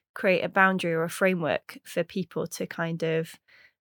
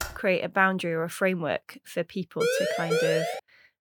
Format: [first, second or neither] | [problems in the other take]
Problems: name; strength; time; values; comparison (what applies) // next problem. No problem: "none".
first | keyboard typing; noticeable; at the start; peak 9 dB below the speech // siren; loud; at 2.5 s; peak 2 dB above the speech